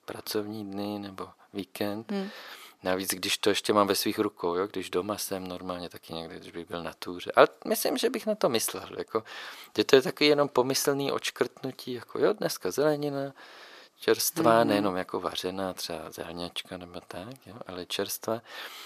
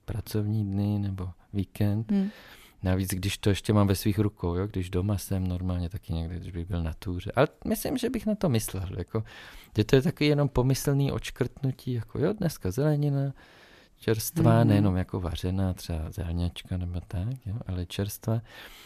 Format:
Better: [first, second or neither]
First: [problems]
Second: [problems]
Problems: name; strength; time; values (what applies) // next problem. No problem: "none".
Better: second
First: thin; somewhat; fading below 450 Hz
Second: none